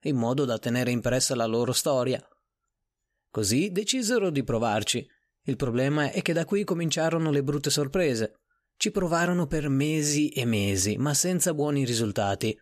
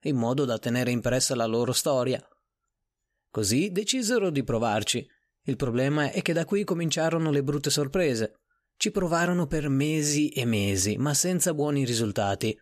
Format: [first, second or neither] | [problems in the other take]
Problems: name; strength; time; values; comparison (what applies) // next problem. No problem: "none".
neither | none